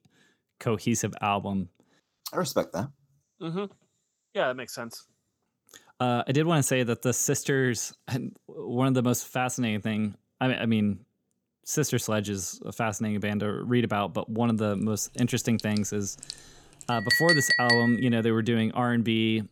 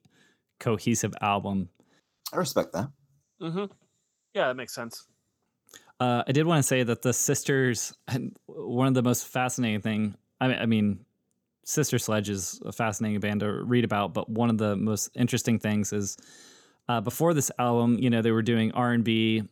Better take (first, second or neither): second